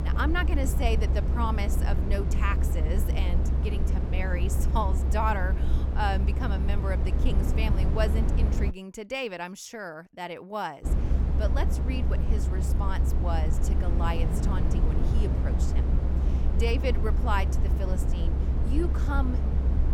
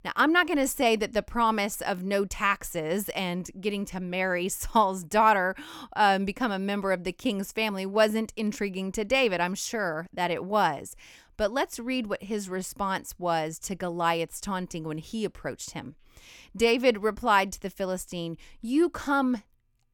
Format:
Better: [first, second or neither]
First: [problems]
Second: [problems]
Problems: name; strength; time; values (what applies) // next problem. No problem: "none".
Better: second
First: low rumble; loud; until 8.5 s and from 11 s on; 6 dB below the speech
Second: none